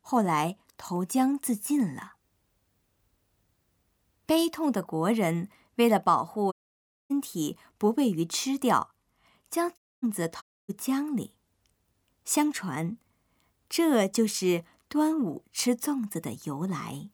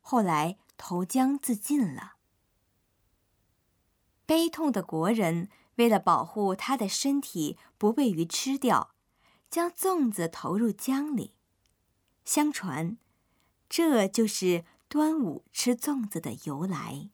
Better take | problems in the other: second | audio cutting out; at 6.5 s for 0.5 s and at 10 s

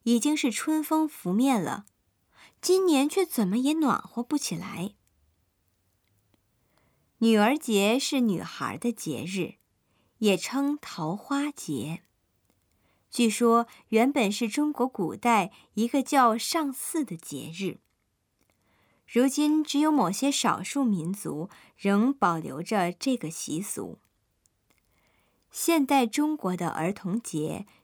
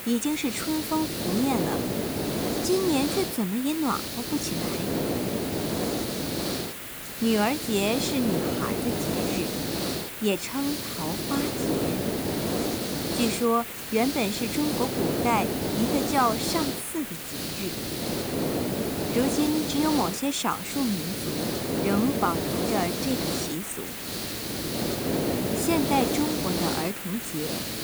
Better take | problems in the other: first | hiss; loud; throughout; as loud as the speech

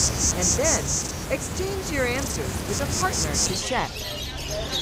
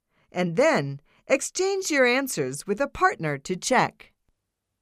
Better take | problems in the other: second | animal sounds; very loud; throughout; 4 dB above the speech

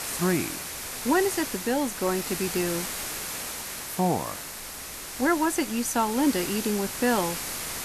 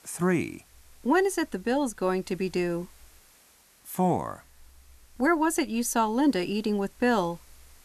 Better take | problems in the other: second | hiss; loud; throughout; 5 dB below the speech; faint in the second

